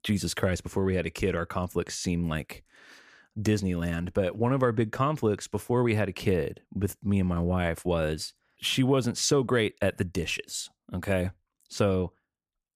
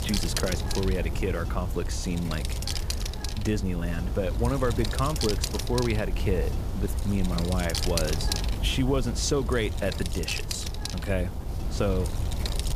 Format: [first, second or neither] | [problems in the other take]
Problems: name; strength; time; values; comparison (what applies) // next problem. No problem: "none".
first | wind noise on the microphone; heavy; 4 dB below the speech